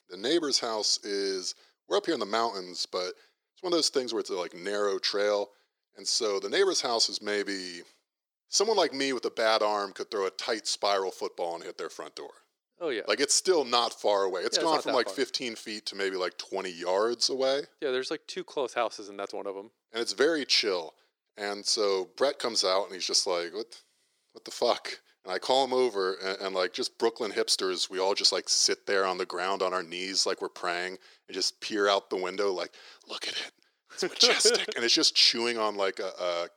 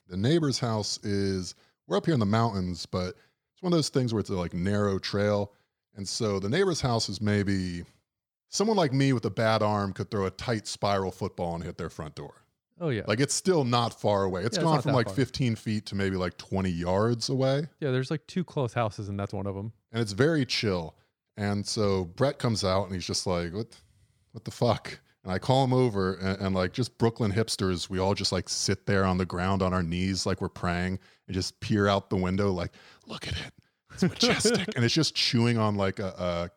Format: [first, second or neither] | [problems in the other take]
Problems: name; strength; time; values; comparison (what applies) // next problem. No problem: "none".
second | thin; very; fading below 350 Hz